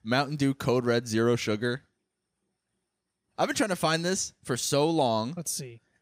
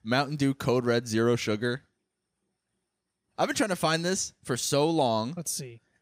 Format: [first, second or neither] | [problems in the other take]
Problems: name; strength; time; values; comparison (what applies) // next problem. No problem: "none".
neither | none